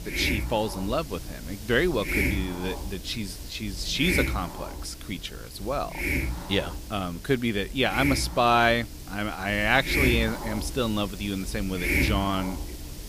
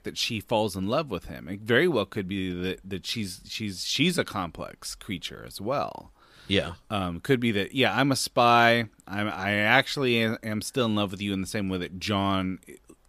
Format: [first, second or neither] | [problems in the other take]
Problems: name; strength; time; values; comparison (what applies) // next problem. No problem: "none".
second | hiss; loud; throughout; 4 dB below the speech